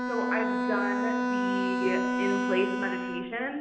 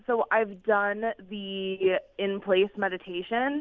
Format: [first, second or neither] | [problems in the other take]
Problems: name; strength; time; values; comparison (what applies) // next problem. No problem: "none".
second | background sound (Bowed string instrument); 3 dB above the speech // room echo; dies away in 1 s